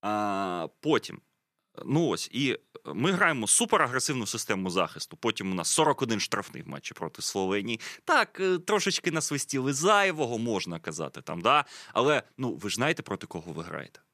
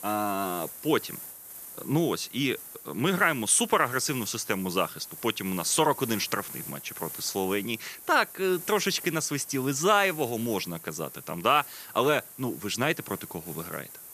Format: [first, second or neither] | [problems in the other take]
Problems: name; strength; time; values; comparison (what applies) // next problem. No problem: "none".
first | hiss; noticeable; throughout; 10 dB below the speech